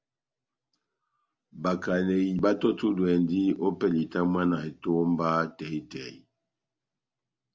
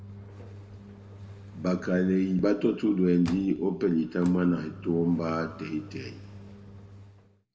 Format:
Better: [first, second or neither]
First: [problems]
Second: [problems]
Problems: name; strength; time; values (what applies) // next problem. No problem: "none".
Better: first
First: none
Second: background sound (Engine); 17 dB below the speech // room echo; dies away in 1.2 s